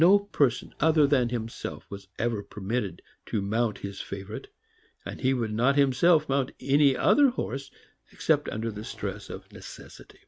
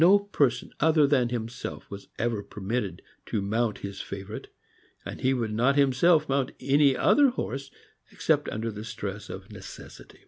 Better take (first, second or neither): second